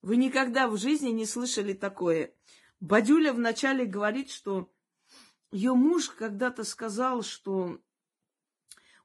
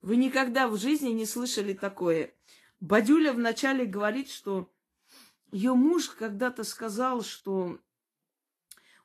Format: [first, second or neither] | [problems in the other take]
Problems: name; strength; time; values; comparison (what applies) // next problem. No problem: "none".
second | garbled, watery; badly; nothing above 11 kHz; slightly in the second